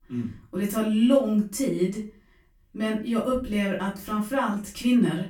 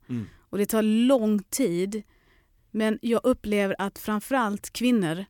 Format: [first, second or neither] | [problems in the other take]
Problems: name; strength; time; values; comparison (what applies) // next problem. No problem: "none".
second | room echo; slight; dies away in 0.3 s // off-mic speech; far